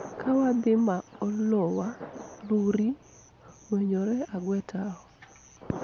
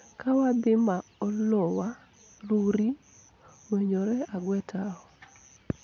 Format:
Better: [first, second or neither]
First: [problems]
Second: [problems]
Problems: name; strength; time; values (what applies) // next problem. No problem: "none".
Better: second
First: background sound (Thunder); 17 dB below the speech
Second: none